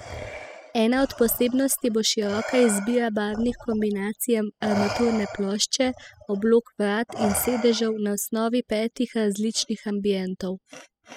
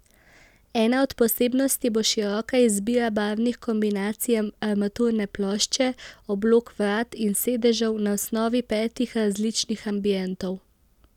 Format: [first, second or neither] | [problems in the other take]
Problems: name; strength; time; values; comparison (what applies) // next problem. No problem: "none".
second | noise reduction (classical method spectral subtraction)